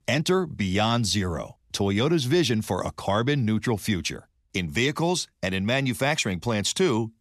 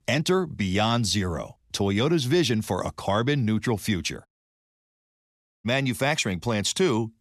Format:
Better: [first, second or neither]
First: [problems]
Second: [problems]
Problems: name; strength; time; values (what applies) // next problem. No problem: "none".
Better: first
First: none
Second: audio cutting out; at 4.5 s for 1.5 s